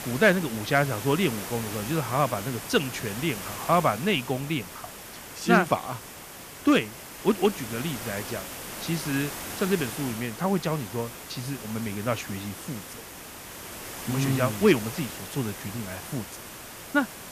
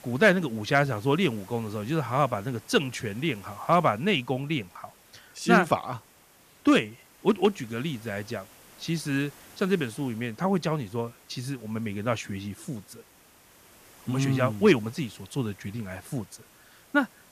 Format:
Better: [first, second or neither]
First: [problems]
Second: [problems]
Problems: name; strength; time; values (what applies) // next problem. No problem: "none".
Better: second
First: hiss; loud; throughout; 10 dB below the speech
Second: hiss; faint; throughout; 25 dB below the speech